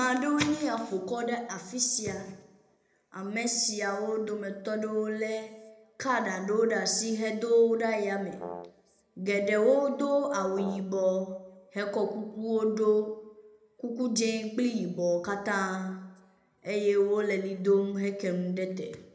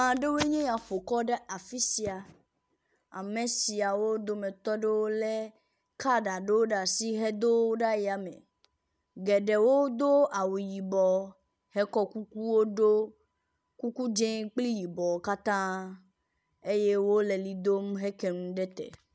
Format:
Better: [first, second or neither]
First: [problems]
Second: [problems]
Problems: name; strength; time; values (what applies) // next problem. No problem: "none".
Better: second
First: background sound (Brass instrument); 12 dB below the speech // room echo; dies away in 0.7 s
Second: none